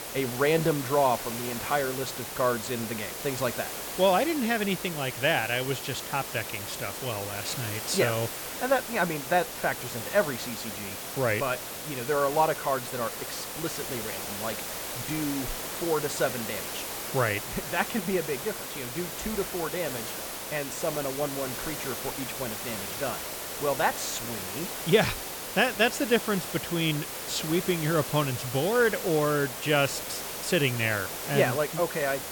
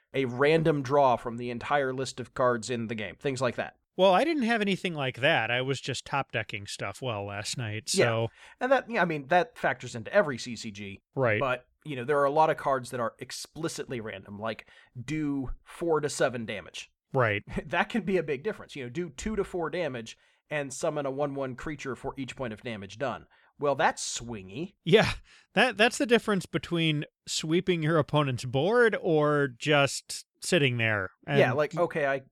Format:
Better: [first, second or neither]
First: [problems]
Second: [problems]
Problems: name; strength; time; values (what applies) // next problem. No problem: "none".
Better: second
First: hiss; loud; throughout; 5 dB below the speech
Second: none